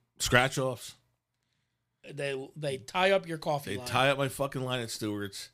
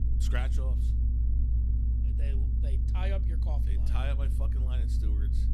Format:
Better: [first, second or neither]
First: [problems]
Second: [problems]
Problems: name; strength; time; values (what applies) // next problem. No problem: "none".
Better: first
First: none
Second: low rumble; loud; throughout; 4 dB below the speech